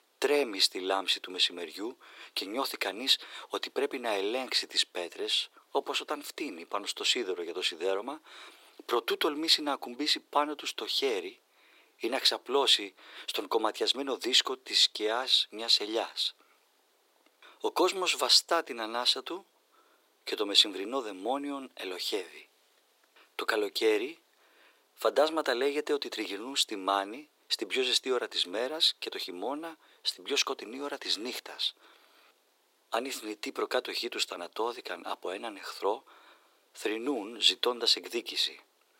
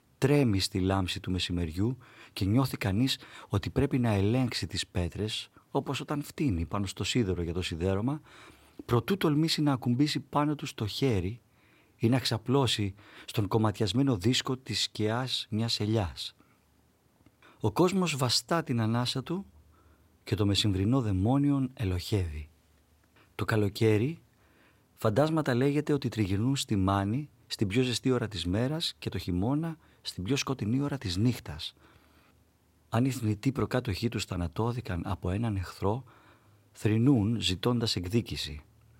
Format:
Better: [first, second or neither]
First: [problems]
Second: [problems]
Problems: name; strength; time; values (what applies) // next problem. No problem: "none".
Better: second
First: thin; very; fading below 350 Hz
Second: none